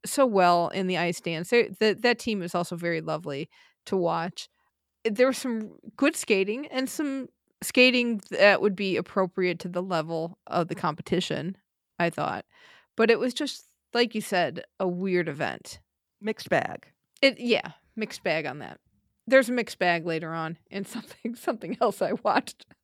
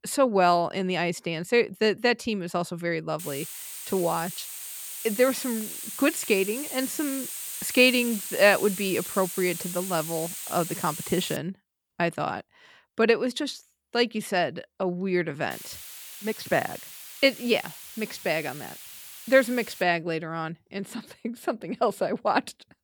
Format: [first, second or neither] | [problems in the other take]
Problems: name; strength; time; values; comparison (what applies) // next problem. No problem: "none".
first | hiss; loud; from 3 to 11 s and from 16 to 20 s; 9 dB below the speech